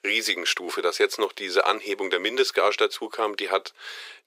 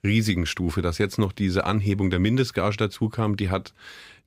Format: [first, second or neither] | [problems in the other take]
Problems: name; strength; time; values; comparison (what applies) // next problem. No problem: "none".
second | thin; very; fading below 400 Hz